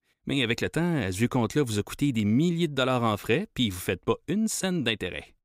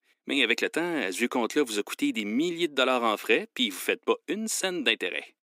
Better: first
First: none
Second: thin; very slightly; fading below 250 Hz

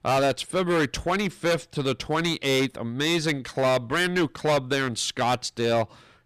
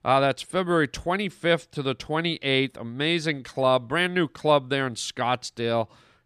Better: second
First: distortion; heavy; 12% of the sound clipped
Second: none

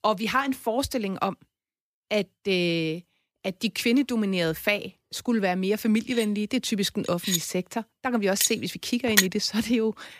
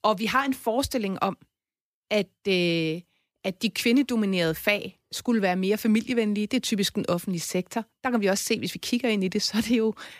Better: second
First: clattering dishes; loud; from 7.5 to 9 s; peak 4 dB above the speech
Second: none

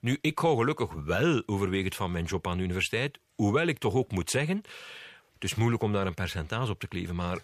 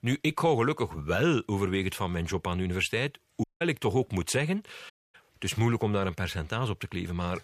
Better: first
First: none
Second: audio cutting out; at 3.5 s and at 5 s

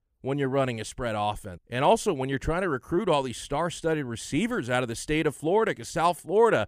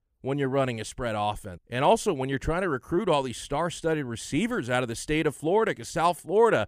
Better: neither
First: none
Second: none

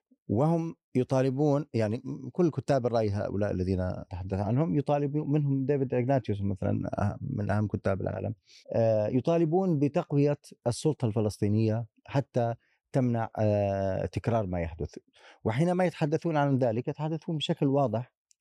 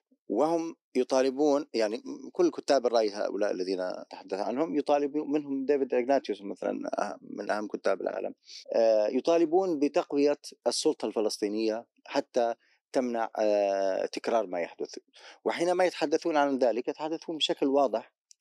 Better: first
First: none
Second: thin; somewhat; fading below 300 Hz

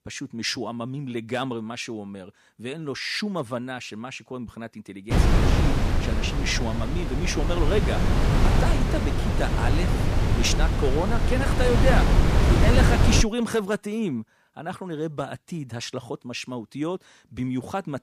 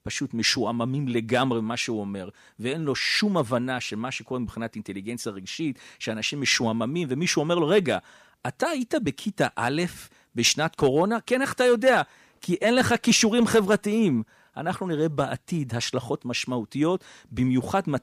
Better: second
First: wind noise on the microphone; heavy; from 5 to 13 s; 1 dB above the speech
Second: none

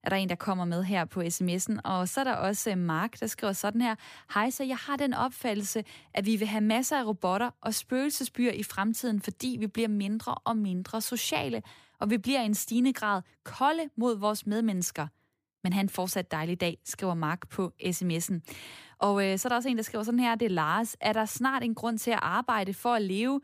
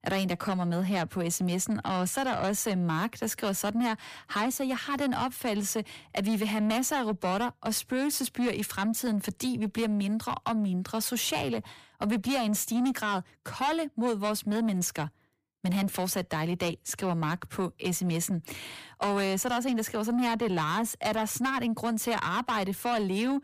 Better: first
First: none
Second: distortion; slight; 10 dB below the speech

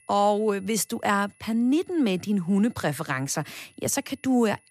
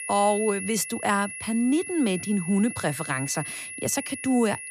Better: first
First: high-pitched whine; faint; throughout; 10.5 kHz, 30 dB below the speech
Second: high-pitched whine; loud; throughout; 10.5 kHz, 8 dB below the speech

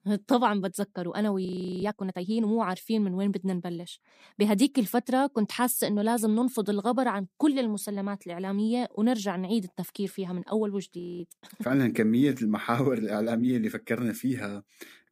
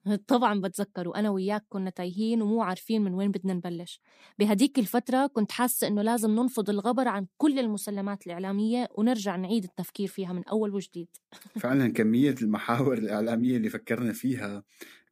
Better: second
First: audio freezing; at 1.5 s and at 11 s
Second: none

